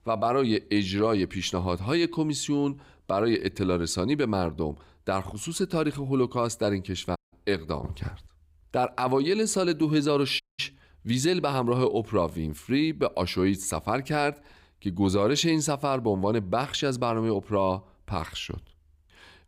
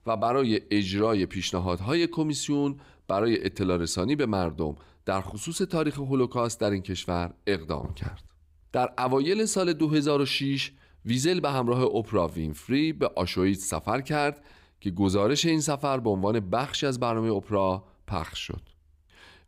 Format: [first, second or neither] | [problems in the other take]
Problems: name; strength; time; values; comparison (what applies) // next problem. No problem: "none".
second | audio cutting out; at 7 s and at 10 s